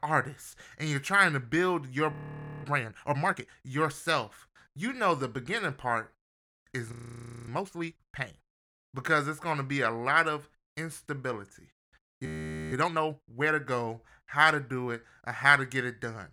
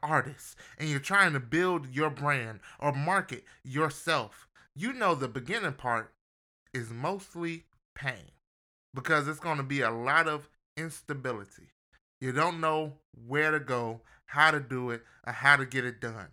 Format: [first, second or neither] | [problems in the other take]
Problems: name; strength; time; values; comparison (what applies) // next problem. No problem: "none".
second | audio freezing; at 2 s for 0.5 s, at 7 s for 0.5 s and at 12 s